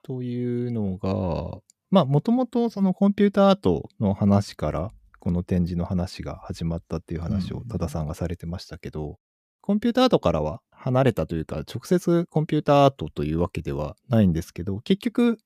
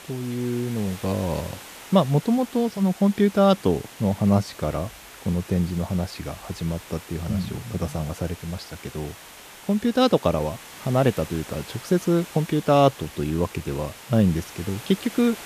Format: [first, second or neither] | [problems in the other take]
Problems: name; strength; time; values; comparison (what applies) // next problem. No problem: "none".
first | hiss; noticeable; throughout; 15 dB below the speech